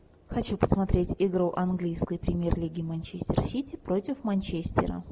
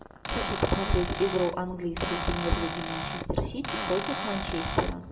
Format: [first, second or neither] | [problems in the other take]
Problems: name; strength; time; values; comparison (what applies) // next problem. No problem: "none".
first | background sound (Cupboard open or close / Door); 4 dB below the speech // room echo; dies away in 1.3 s